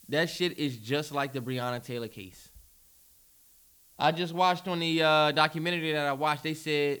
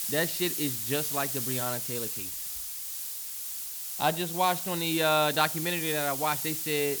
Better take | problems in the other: first | hiss; loud; throughout; 2 dB below the speech; faint in the first

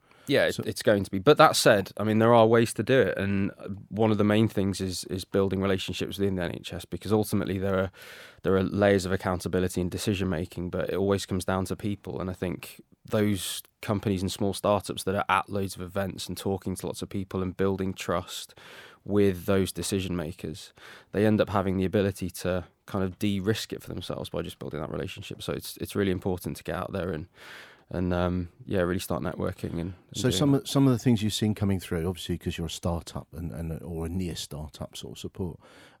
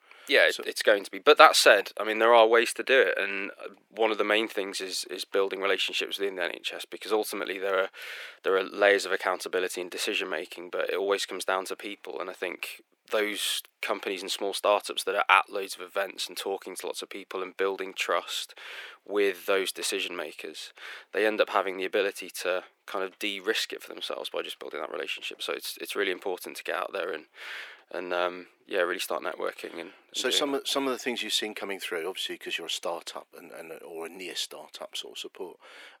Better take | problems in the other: first | thin; very; fading below 350 Hz

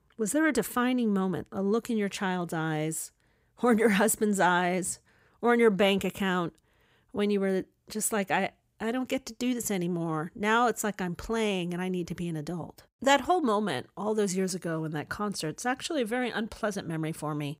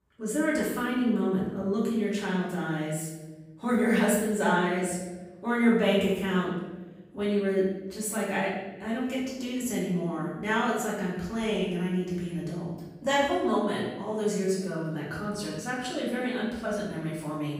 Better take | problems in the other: first | off-mic speech; far // room echo; noticeable; dies away in 1 s

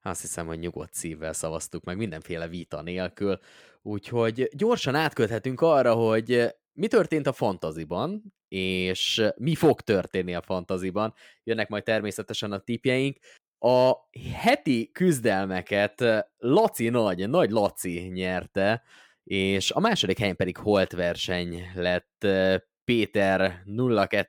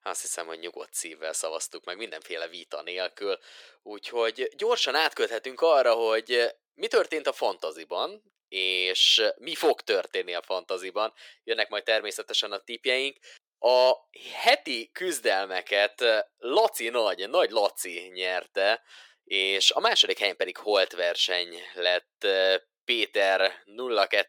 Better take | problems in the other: first | thin; very; fading below 400 Hz

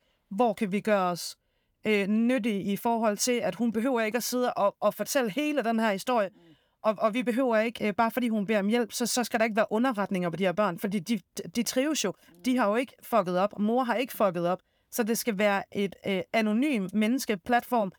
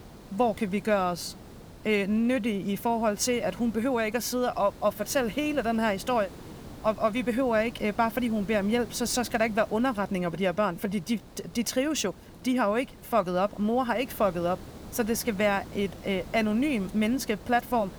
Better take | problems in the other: first | hiss; noticeable; throughout; 20 dB below the speech

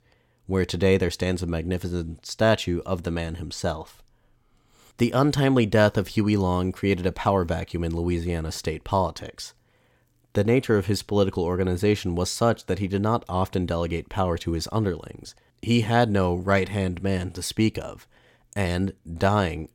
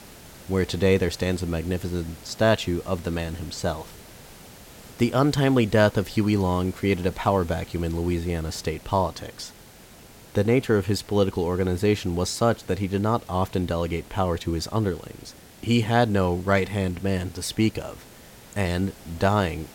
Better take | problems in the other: first | hiss; faint; throughout; 20 dB below the speech

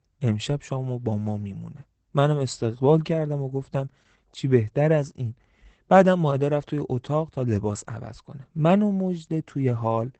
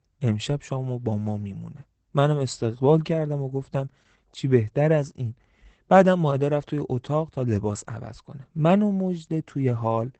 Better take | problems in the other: neither | garbled, watery; badly; nothing above 8 kHz; the same in both

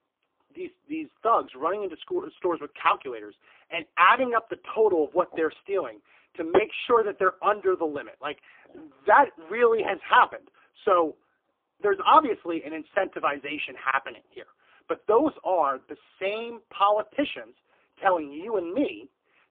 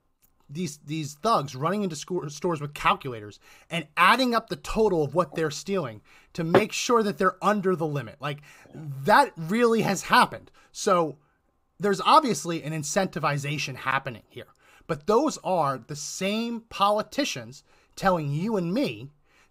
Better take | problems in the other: second | phone-call audio; poor line; nothing above 3 kHz

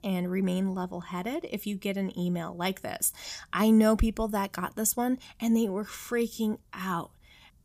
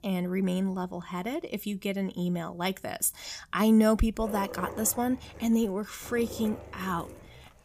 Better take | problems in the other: first | dog barking; noticeable; from 4 s on; peak 9 dB below the speech

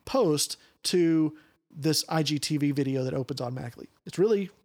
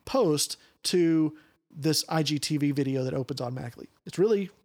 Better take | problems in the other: neither | none

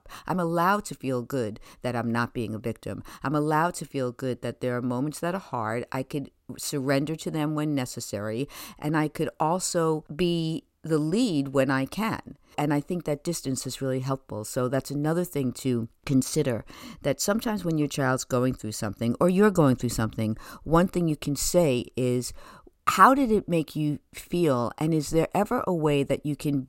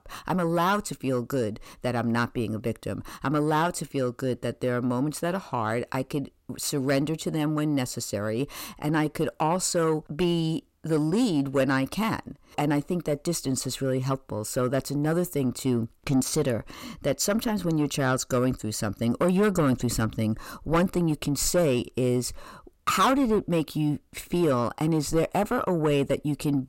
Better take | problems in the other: first | distortion; slight; 10 dB below the speech

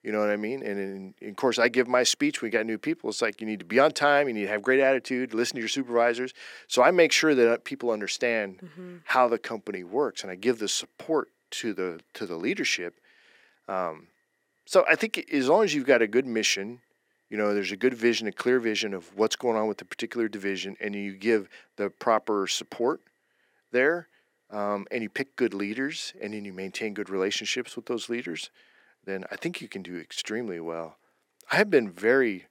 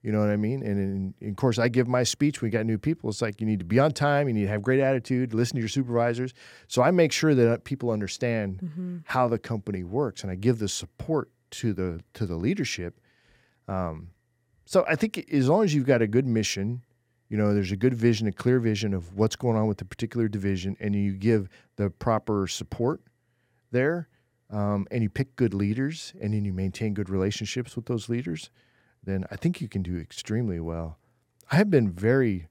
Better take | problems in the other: second | thin; somewhat; fading below 300 Hz

